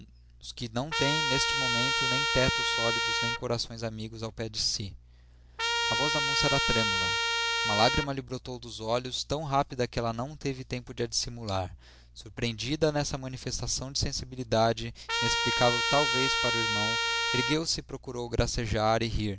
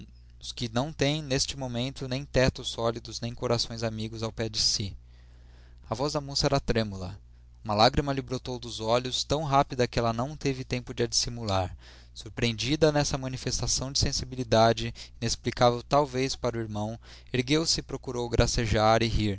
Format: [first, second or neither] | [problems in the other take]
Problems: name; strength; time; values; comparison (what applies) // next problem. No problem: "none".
second | background sound (Trumpet); 3 dB above the speech